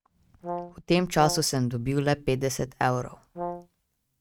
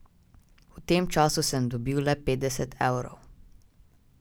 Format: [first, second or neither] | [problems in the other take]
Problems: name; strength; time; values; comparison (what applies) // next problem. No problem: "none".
second | noise reduction (neural mask model RNNoise)